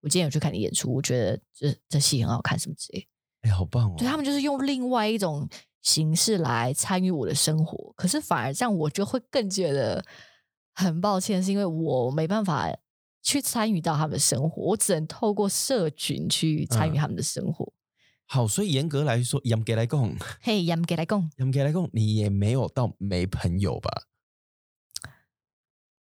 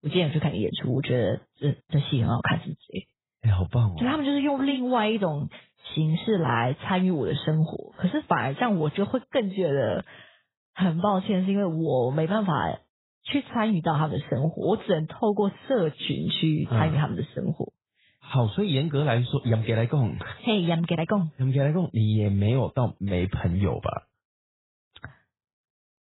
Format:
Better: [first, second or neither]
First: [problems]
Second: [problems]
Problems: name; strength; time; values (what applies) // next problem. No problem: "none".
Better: first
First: none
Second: garbled, watery; badly; nothing above 4 kHz